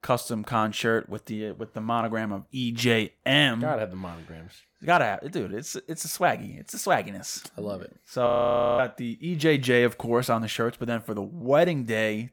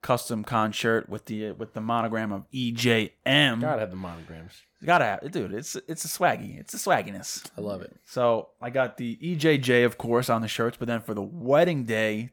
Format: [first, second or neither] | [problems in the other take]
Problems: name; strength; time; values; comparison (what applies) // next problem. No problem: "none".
second | audio freezing; at 8.5 s for 0.5 s